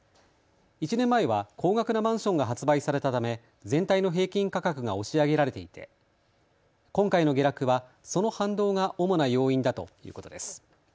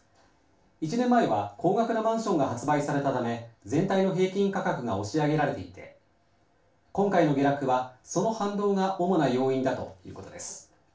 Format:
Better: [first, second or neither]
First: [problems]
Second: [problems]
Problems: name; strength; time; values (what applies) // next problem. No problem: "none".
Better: first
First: none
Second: room echo; dies away in 0.3 s